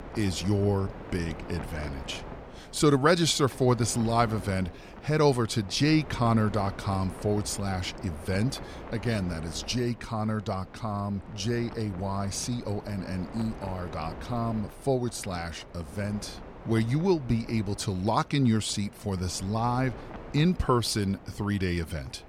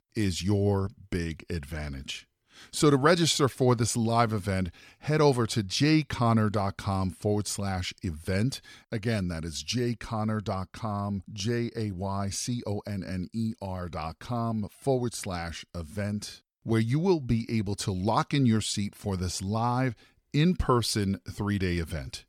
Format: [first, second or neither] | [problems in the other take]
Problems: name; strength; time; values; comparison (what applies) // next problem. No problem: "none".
second | wind noise on the microphone; occasional gusts; 15 dB below the speech